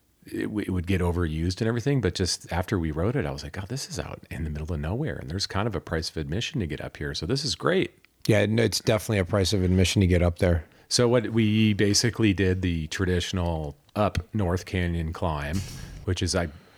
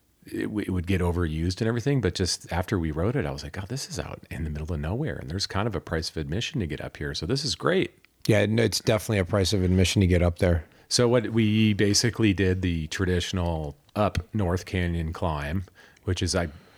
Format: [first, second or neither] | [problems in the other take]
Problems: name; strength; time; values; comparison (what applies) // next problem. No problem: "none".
second | keyboard typing; faint; at 15 s; peak 15 dB below the speech